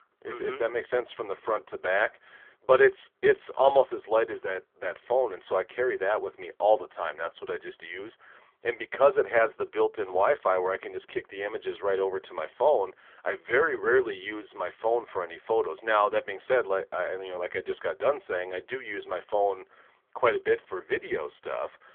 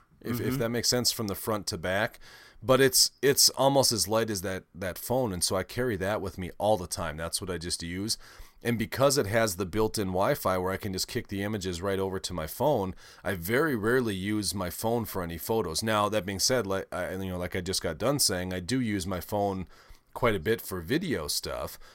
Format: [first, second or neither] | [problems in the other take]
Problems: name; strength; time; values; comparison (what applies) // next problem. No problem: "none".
second | phone-call audio; poor line; nothing above 3.5 kHz